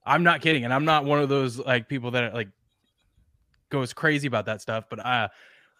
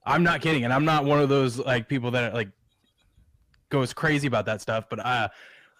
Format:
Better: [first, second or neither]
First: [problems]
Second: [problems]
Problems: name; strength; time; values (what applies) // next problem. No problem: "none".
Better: first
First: none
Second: distortion; heavy; 8 dB below the speech